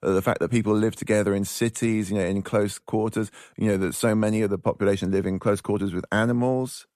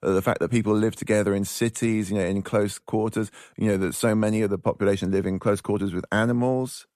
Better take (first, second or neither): neither